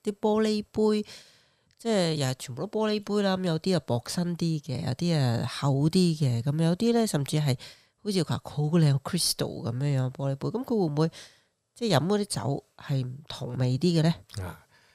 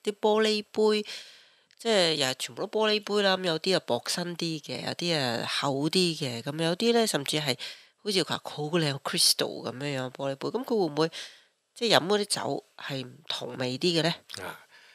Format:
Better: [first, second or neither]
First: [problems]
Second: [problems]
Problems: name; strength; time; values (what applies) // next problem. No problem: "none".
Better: first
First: none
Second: thin; somewhat; fading below 300 Hz